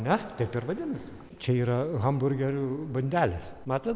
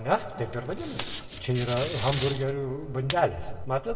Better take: first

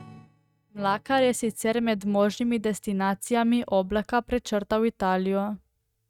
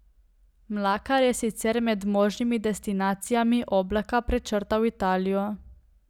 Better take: second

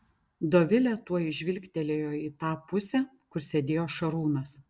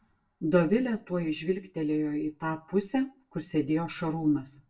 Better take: first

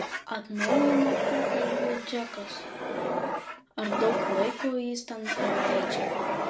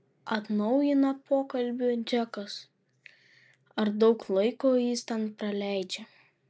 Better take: second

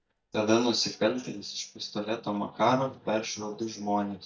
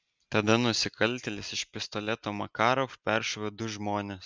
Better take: second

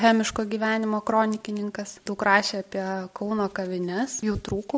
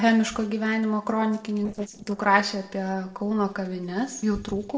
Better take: first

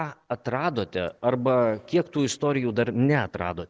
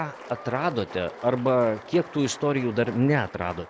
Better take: first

